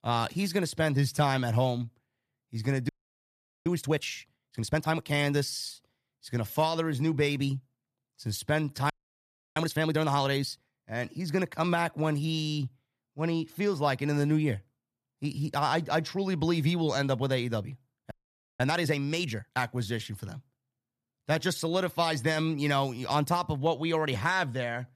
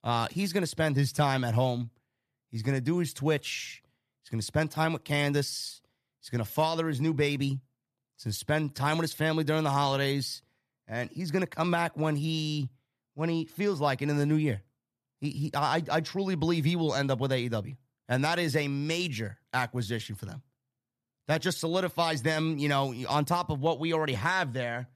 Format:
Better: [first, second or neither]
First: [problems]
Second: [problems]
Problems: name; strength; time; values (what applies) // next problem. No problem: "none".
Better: second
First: audio freezing; at 3 s for 1 s, at 9 s for 0.5 s and at 18 s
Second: none